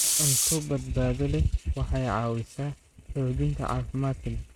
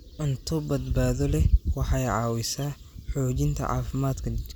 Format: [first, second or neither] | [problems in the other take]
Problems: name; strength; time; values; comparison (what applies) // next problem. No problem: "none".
second | noise reduction (neural mask model RNNoise)